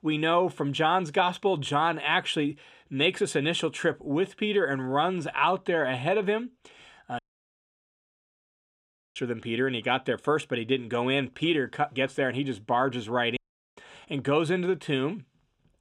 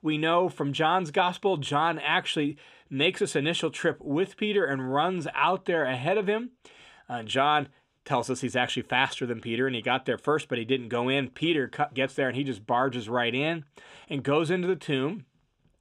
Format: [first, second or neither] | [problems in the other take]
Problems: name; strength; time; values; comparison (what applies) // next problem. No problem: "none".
second | audio cutting out; at 7 s for 2 s and at 13 s